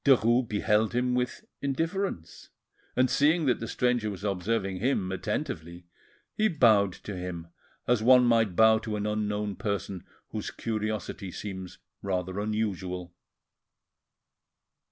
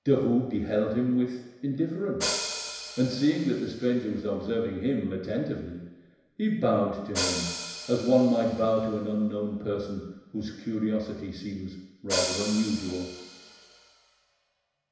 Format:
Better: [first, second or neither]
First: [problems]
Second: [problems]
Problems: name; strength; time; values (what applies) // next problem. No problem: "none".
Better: first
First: none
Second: background sound (Hi-hat); 11 dB below the speech // room echo; dies away in 1 s